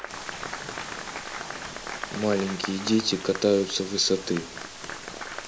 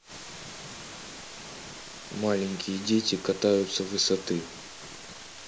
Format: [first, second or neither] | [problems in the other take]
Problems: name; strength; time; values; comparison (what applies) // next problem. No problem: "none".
second | background sound (Applause); 10 dB below the speech